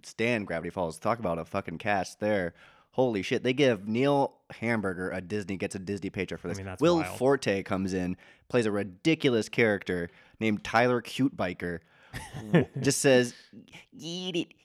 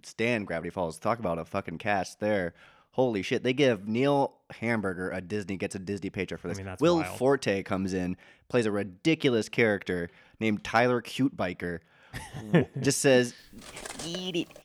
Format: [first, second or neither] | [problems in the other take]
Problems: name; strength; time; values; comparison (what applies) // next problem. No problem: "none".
first | clattering dishes; faint; from 13 s on; peak 10 dB below the speech